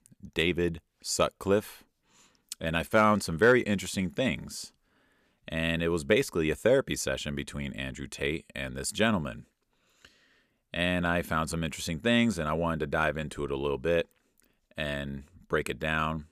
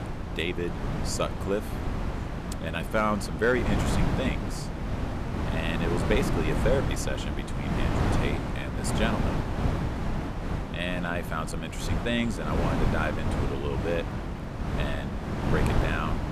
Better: first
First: none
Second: wind noise on the microphone; heavy; 3 dB below the speech

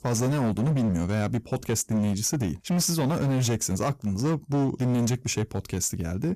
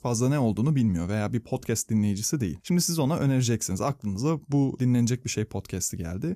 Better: second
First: distortion; slight; 19% of the sound clipped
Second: none

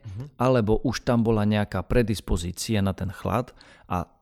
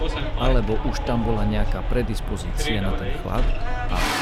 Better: first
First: none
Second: traffic noise; loud; throughout; as loud as the speech

